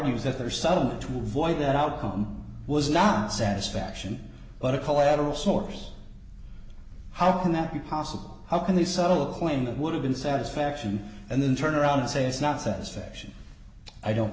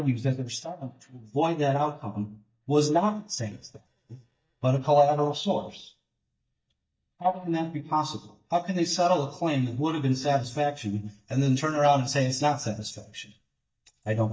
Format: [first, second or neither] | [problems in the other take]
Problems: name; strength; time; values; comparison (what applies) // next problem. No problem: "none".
first | noise reduction (neural mask model DeepFilterNet 3)